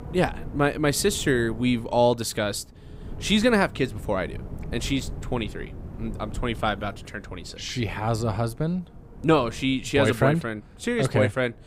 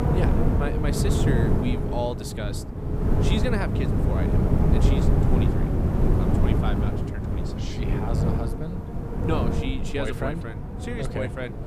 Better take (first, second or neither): first